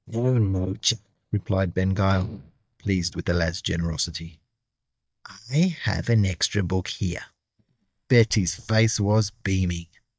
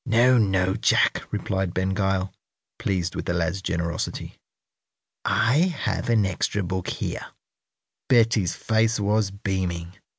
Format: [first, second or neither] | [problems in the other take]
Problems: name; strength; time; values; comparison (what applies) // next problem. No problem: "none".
second | noise reduction (neural mask model DeepFilterNet 3)